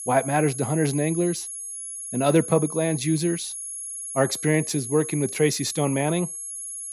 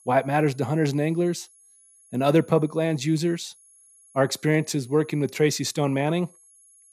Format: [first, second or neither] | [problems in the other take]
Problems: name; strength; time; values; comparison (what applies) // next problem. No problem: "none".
second | high-pitched whine; loud; throughout; 11 kHz, 7 dB below the speech; faint in the second